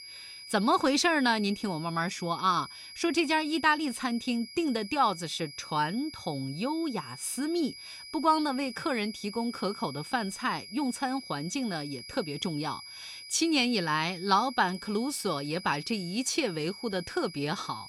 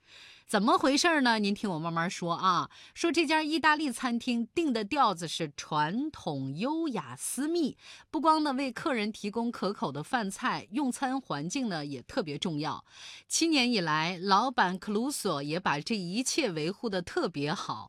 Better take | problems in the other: second | high-pitched whine; noticeable; throughout; 5 kHz, 15 dB below the speech

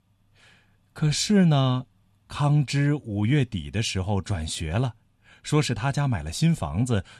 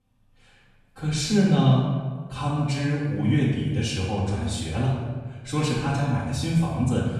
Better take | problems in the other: first | off-mic speech; far // room echo; strong; dies away in 1.2 s

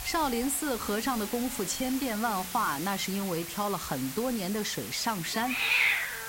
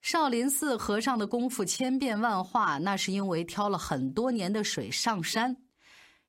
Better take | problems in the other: second | hiss; loud; throughout; 2 dB below the speech

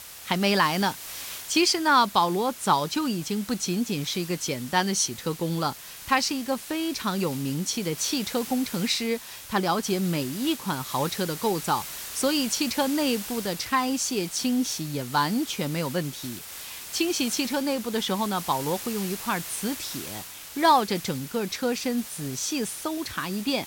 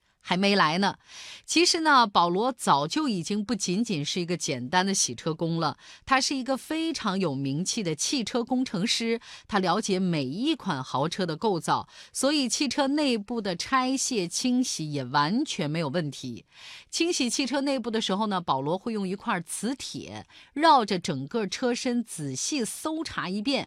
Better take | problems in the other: second | hiss; noticeable; throughout; 10 dB below the speech

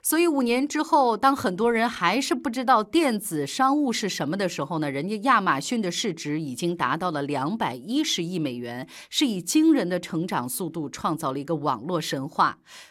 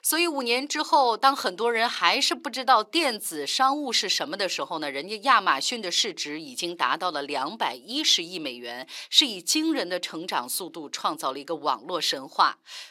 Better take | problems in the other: first | thin; somewhat; fading below 450 Hz

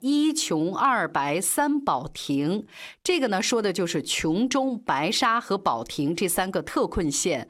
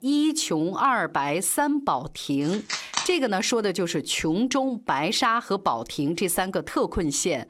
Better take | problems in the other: first | phone ringing; noticeable; at 2.5 s; peak 3 dB below the speech

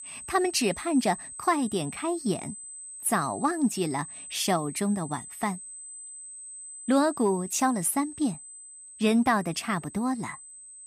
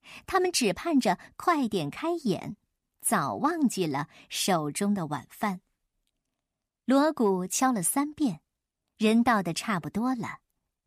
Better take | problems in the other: second | high-pitched whine; noticeable; throughout; 8 kHz, 10 dB below the speech

